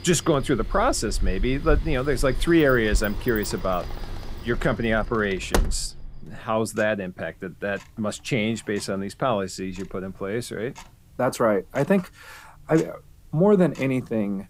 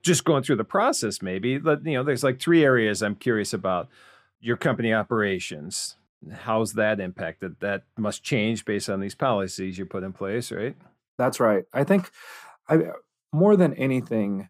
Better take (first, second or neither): second